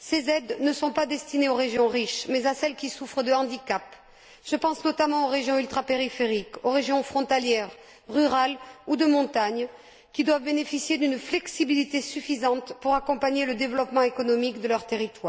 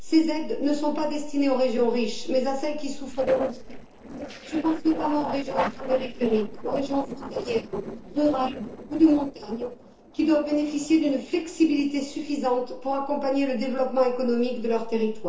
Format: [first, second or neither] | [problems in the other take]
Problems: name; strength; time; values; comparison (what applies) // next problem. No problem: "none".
first | noise reduction (neural separator model SepFormer DNS4)